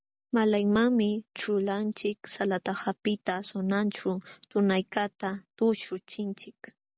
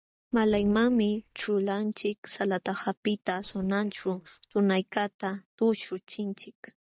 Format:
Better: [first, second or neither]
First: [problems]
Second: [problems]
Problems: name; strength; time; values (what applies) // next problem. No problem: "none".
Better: first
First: none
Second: noise reduction (neural mask model DeepFilterNet 3)